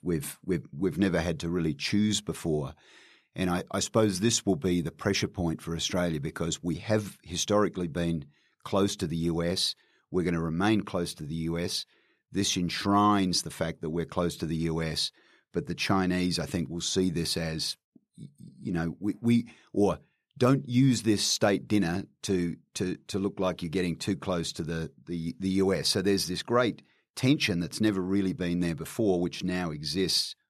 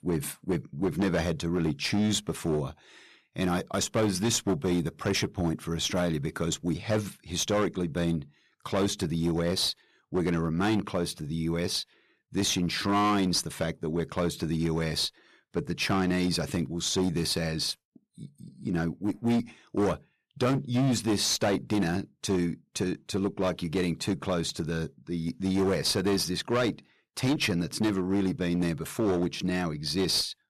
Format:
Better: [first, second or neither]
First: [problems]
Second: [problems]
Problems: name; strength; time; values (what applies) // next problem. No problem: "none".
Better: first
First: none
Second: distortion; slight; 10% of the sound clipped